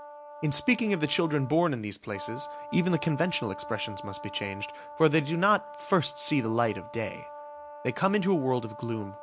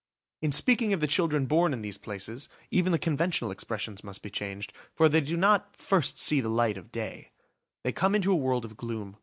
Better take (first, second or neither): second